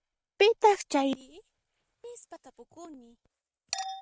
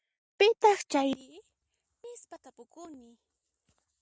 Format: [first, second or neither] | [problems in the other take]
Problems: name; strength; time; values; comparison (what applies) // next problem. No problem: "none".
second | noise reduction (neural mask model RNNoise)